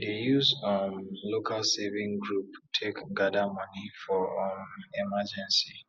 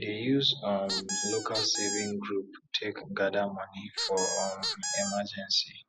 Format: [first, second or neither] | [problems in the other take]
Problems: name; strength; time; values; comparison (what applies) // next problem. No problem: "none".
first | background sound (Squeak); 3 dB below the speech